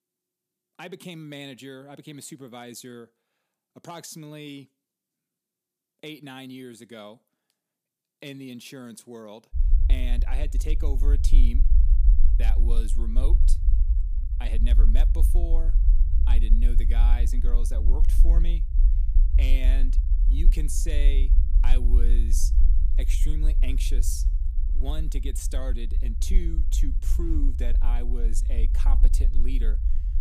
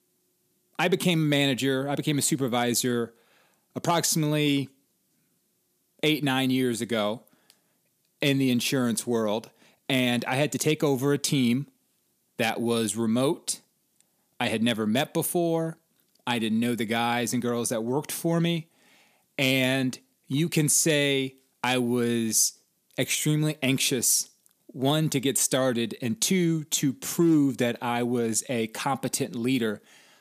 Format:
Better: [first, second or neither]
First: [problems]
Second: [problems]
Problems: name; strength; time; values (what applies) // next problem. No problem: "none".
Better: second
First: low rumble; loud; from 9.5 s on; 8 dB below the speech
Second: none